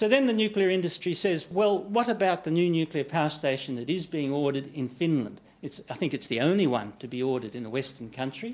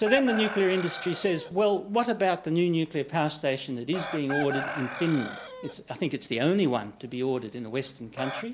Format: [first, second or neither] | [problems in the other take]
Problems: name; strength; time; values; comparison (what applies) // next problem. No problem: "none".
first | background sound (Chicken, rooster); 11 dB below the speech